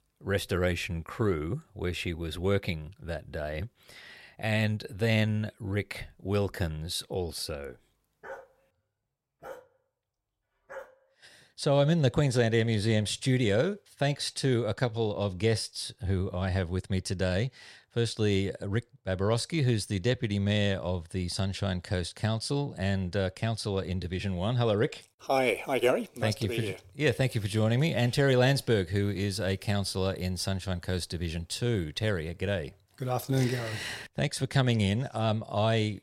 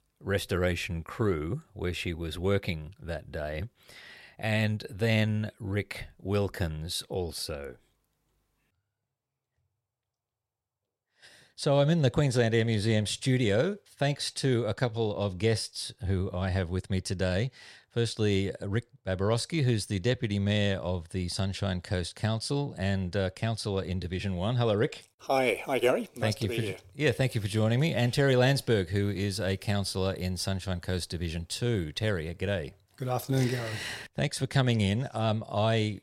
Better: second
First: dog barking; faint; from 8 to 11 s; peak 15 dB below the speech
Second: none

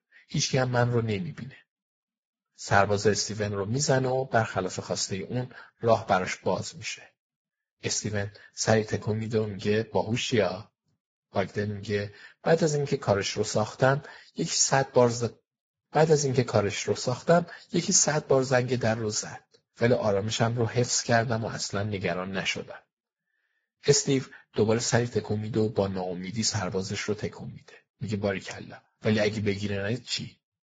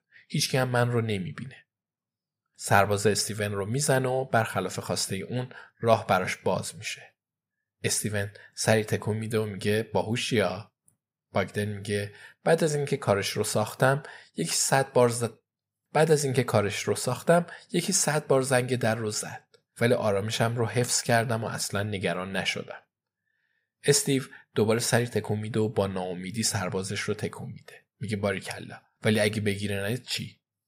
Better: second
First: garbled, watery; badly; nothing above 7.5 kHz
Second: none

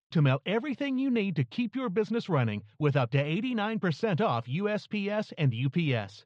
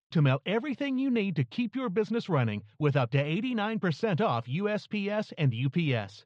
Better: neither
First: muffled; slightly; fading above 3.5 kHz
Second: muffled; slightly; fading above 3.5 kHz

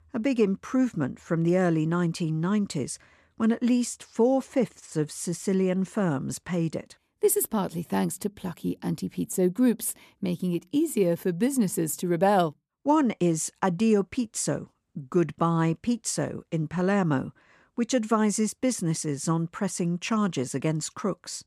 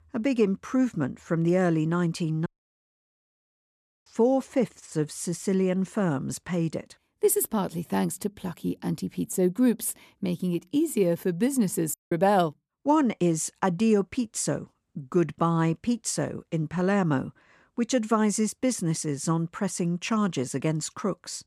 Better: first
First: none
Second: audio cutting out; at 2.5 s for 1.5 s and at 12 s

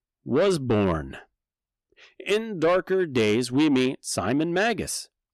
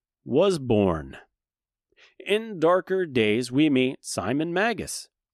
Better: second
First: distortion; slight; 10 dB below the speech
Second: none

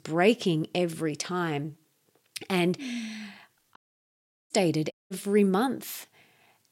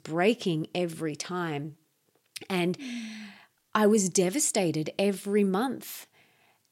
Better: second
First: audio cutting out; at 4 s for 0.5 s and at 5 s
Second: none

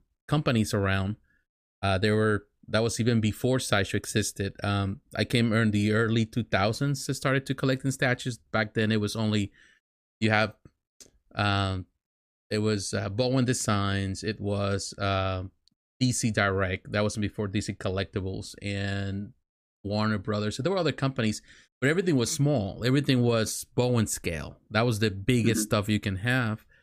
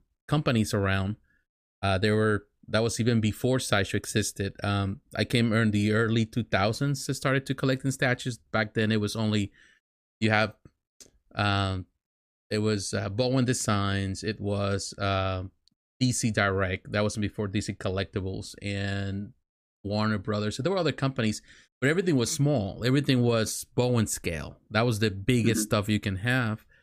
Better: neither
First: none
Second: none

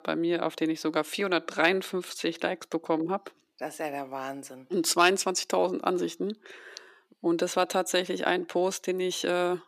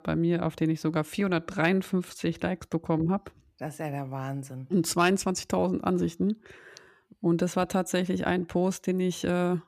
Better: second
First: thin; somewhat; fading below 300 Hz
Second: none

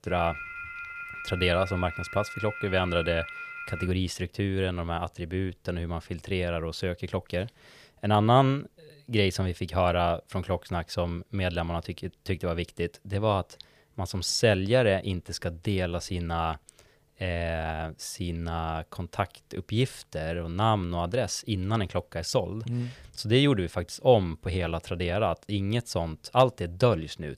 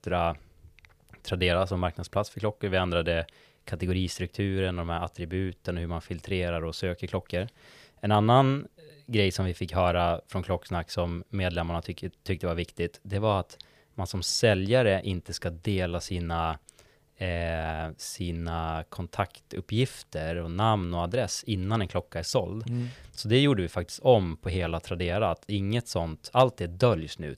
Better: second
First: phone ringing; noticeable; until 4 s; peak 9 dB below the speech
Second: none

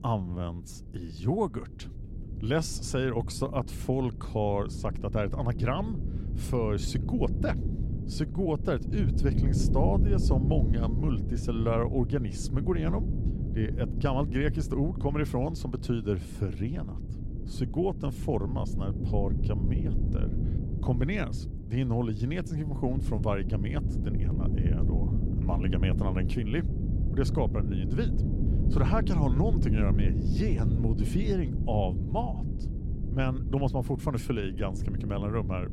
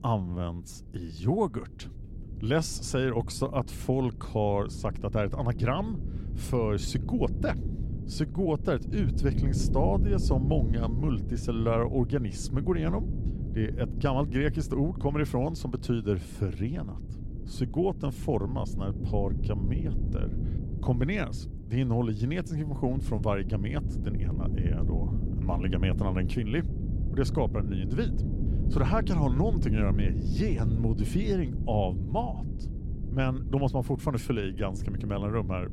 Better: second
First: wind noise on the microphone; heavy; 8 dB below the speech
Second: wind noise on the microphone; occasional gusts; 10 dB below the speech

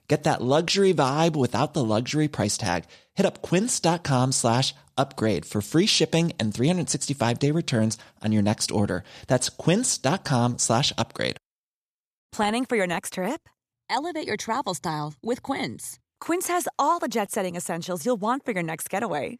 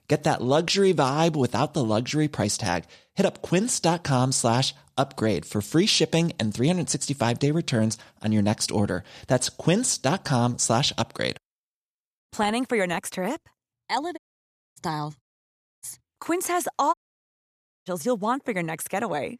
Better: first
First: none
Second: audio cutting out; at 14 s for 0.5 s, at 15 s for 0.5 s and at 17 s for 1 s

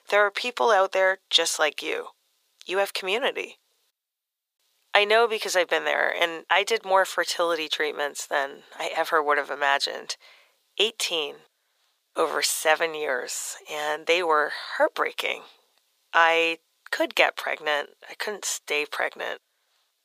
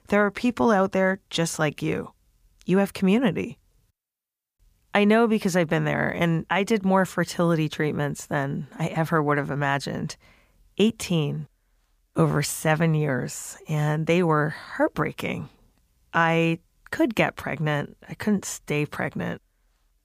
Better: second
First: thin; very; fading below 450 Hz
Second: none

